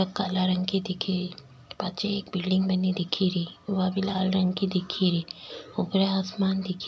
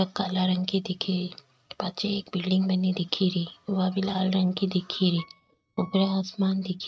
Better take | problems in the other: first | noise reduction (neural mask model RNNoise)

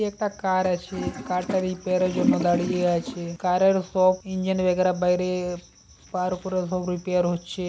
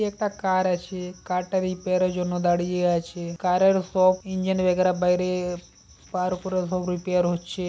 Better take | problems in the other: second | background sound (Toilet flush); 6 dB below the speech

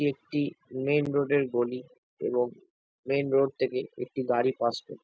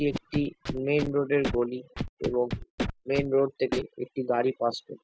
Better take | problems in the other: first | background sound (Scratching (performance technique)); 8 dB below the speech

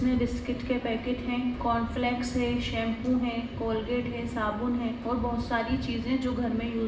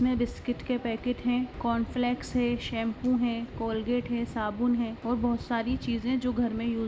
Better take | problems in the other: second | room echo; dies away in 0.8 s

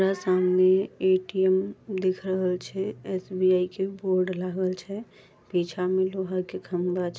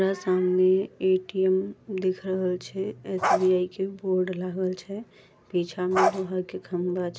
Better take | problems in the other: first | background sound (Bark); 3 dB below the speech

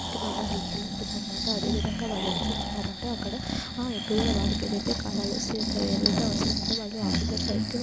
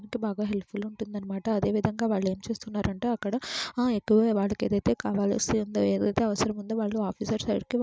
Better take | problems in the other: second | background sound (Breathing); 4 dB above the speech

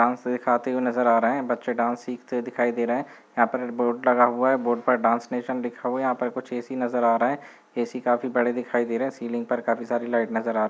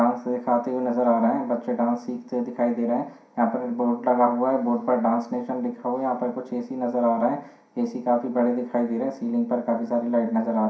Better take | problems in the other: first | room echo; dies away in 0.5 s

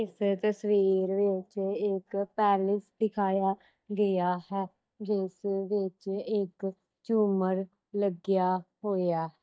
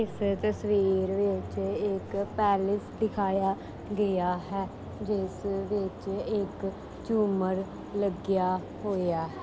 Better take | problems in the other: second | noise reduction (neural mask model DeepFilterNet 3)

